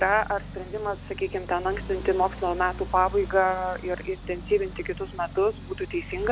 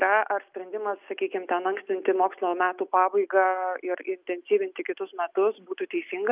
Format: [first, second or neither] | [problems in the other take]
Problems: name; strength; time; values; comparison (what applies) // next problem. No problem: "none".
second | background sound (Accelerating, revving, vroom); 12 dB below the speech